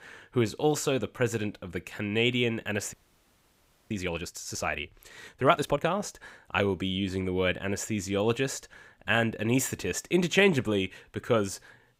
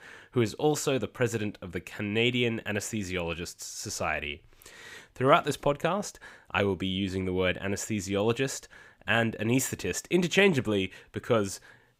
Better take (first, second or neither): second